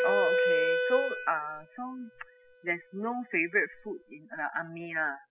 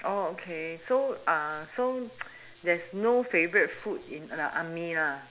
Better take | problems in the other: second | noise reduction (classical method spectral subtraction)

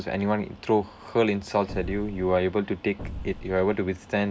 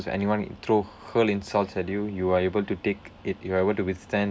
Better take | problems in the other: second | background sound (Explosion); 12 dB below the speech

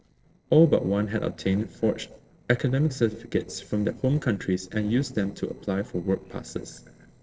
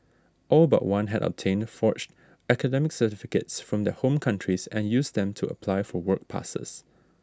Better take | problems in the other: second | noise reduction (neural separator model SepFormer DNS4)

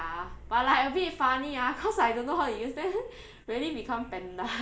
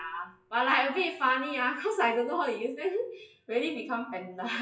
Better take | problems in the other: first | noise reduction (classical method WPE with log-MMSE)

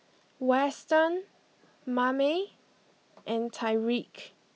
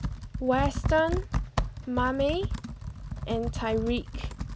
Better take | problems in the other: first | background sound (Computer keyboard); 2 dB below the speech

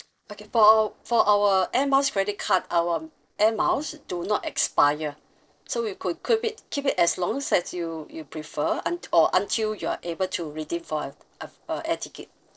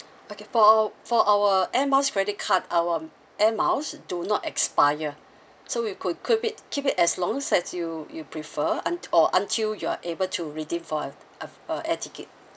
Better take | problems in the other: second | noise reduction (neural separator model SepFormer DNS4)

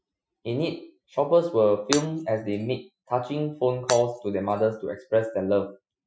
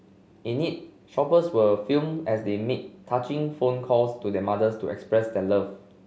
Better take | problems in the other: second | noise reduction (classical method Wiener filter)

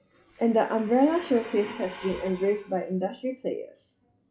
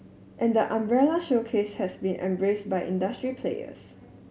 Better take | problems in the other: second | noise reduction (classical method log-MMSE)

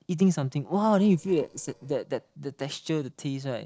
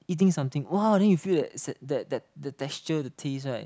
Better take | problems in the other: second | noise reduction (neural separator model SepFormer DNS4)

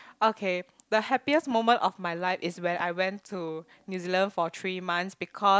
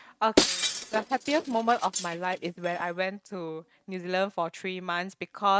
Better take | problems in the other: first | noise reduction (neural mask model RNNoise)

